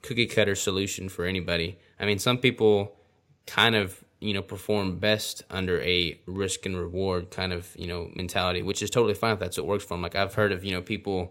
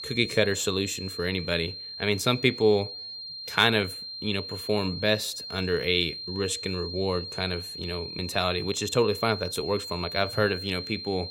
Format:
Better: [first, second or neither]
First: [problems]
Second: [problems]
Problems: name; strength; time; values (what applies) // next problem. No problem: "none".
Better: first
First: none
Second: high-pitched whine; loud; throughout; 4 kHz, 8 dB below the speech